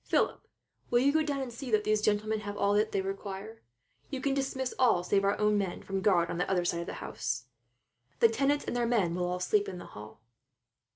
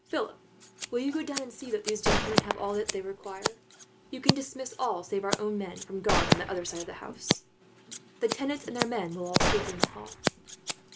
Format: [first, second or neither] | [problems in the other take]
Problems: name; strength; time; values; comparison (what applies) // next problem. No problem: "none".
first | background sound (Scissors + Gunshot, gunfire); 2 dB above the speech